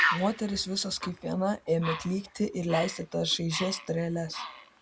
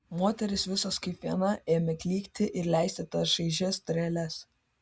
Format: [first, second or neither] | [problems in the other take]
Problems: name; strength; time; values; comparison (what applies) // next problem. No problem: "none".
second | background sound (Bird); 6 dB below the speech